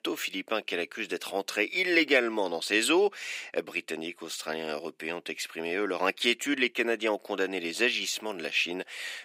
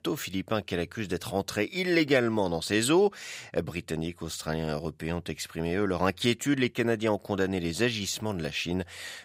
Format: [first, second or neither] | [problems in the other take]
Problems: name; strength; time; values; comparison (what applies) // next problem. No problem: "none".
second | thin; somewhat; fading below 300 Hz